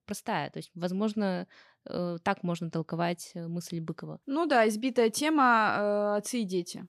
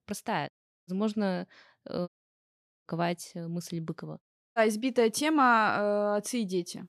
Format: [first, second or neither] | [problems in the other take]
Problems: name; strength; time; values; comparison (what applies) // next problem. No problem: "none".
first | audio cutting out; at 0.5 s, at 2 s for 1 s and at 4 s